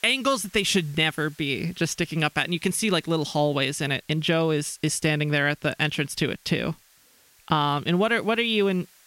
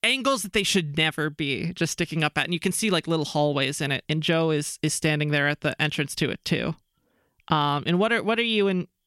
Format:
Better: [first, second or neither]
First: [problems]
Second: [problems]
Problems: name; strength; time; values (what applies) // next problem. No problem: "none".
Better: second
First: hiss; faint; throughout; 30 dB below the speech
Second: none